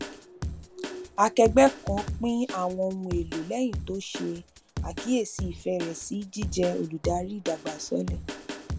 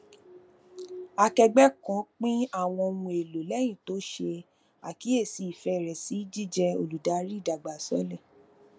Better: second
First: background sound (Drum kit); 8 dB below the speech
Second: none

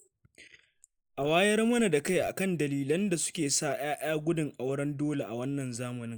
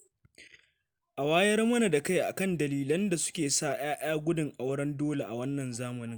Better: second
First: noise reduction (neural mask model Resemble Enhance denoiser)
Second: none

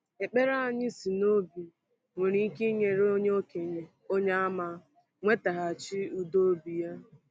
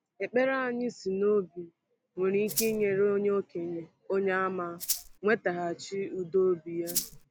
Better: first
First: none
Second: background sound (Rattle (instrument)); 4 dB below the speech

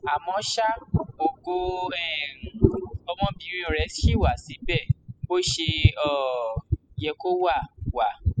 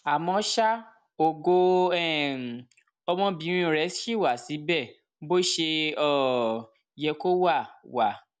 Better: second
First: noise reduction (classical method spectral subtraction)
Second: none

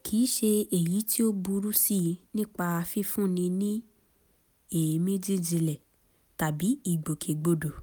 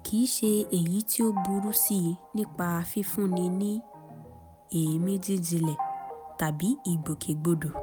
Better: first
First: none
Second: background sound (Organ); 13 dB below the speech

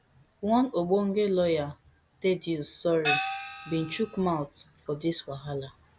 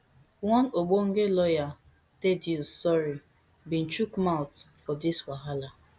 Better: second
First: background sound (Gong); 3 dB below the speech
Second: none

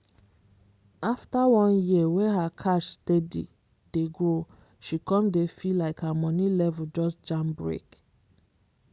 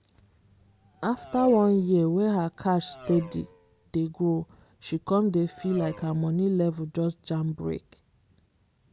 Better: first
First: none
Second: background sound (Race car, auto racing); 18 dB below the speech

